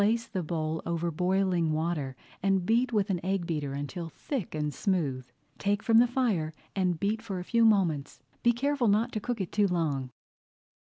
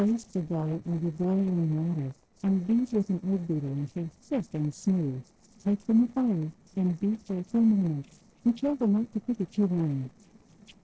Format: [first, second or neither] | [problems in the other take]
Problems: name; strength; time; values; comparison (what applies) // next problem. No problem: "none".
first | noise reduction (neural separator model SepFormer DNS4)